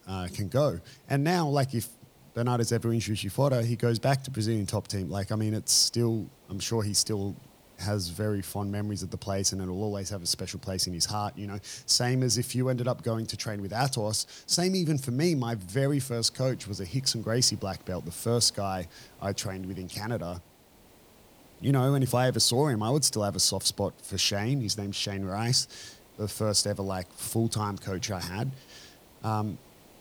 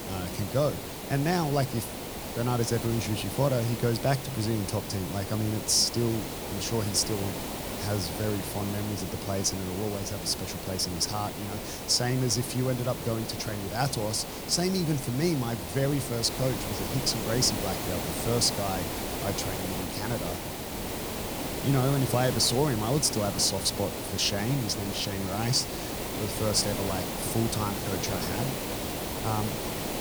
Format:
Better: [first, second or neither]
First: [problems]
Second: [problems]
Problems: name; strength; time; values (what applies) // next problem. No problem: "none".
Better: first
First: hiss; faint; throughout; 30 dB below the speech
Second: hiss; loud; throughout; 5 dB below the speech